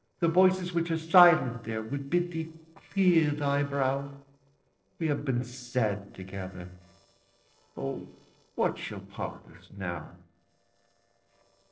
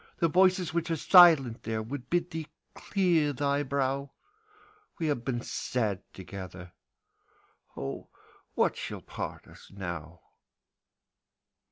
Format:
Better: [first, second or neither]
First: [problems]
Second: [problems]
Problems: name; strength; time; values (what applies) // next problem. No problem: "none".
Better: second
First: noise reduction (neural separator model SepFormer DNS4)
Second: none